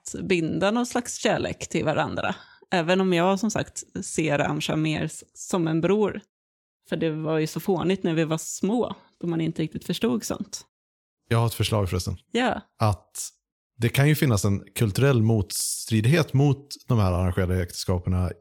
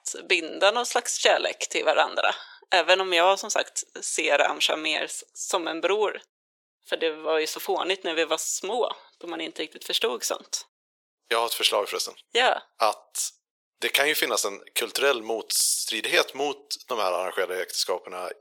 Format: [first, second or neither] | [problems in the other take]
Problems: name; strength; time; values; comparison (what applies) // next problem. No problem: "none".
first | thin; very; fading below 450 Hz